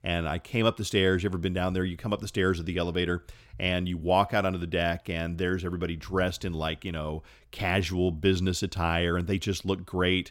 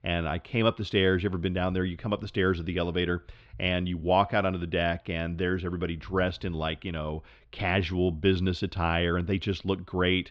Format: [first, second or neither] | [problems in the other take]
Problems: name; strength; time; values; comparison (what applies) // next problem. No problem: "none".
first | muffled; slightly; fading above 4 kHz